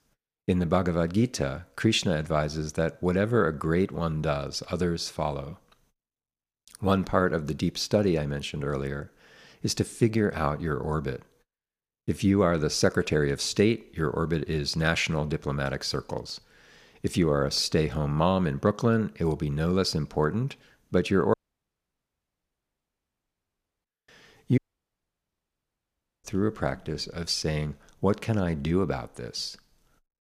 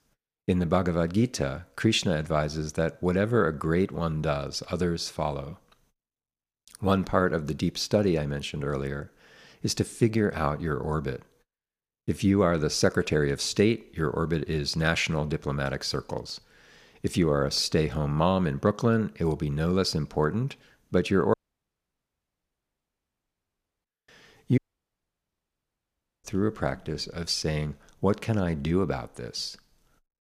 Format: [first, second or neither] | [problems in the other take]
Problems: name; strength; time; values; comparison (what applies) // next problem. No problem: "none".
neither | audio cutting out; at 21 s for 2.5 s and at 25 s for 1.5 s; the same in both